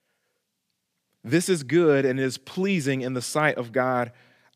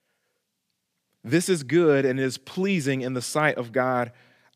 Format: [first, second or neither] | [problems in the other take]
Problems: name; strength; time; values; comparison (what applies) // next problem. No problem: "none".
neither | none